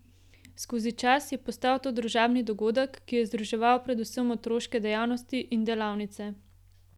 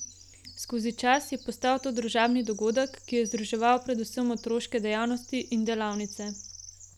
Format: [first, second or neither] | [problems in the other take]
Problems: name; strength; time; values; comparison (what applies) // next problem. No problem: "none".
first | background sound (Bird vocalization, bird call, bird song); 18 dB below the speech